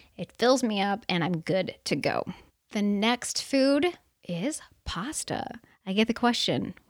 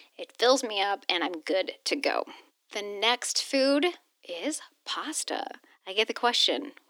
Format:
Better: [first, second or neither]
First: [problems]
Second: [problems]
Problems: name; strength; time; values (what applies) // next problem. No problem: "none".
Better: first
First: none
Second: thin; somewhat; fading below 300 Hz